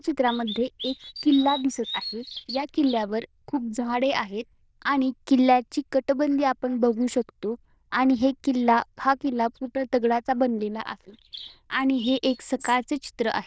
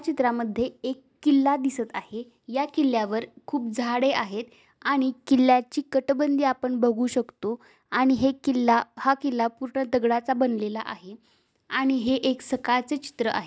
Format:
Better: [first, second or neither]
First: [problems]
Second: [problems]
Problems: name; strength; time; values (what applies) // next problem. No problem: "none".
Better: second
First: noise reduction (neural diffusion model UNIVERSE++)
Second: none